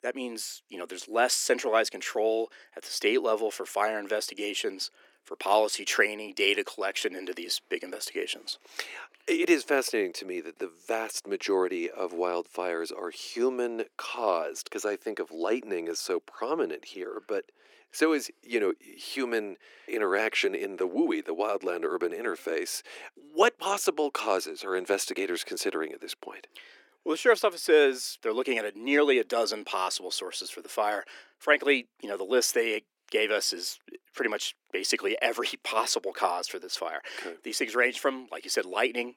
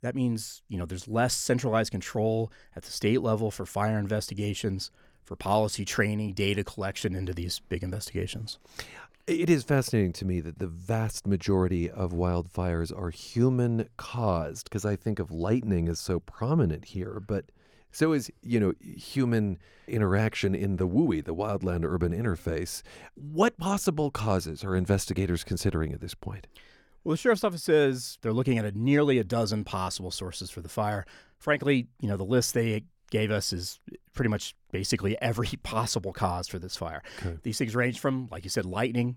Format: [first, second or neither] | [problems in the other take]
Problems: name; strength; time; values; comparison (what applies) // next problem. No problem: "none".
second | thin; very; fading below 300 Hz